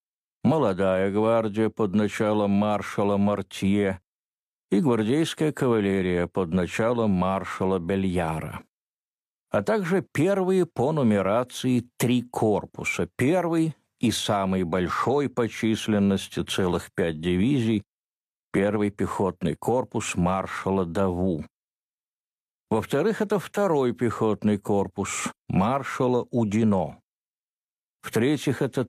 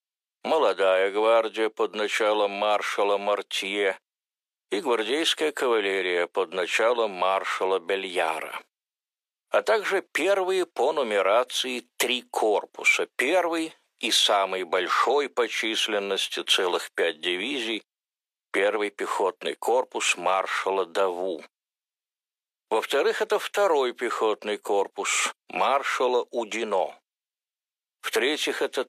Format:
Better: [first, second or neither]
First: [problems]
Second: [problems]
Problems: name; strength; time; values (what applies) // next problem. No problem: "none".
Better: first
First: none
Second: thin; very; fading below 400 Hz